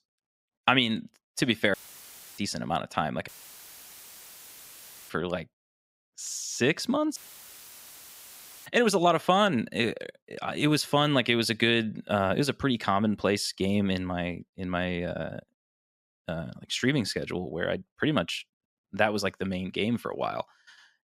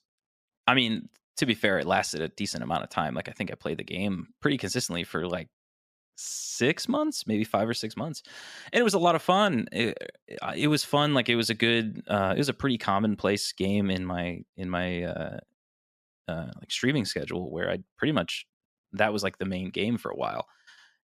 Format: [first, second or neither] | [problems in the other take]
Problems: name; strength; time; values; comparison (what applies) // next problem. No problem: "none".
second | audio cutting out; filled with static; at 1.5 s for 0.5 s, at 3.5 s for 2 s and at 7 s for 1.5 s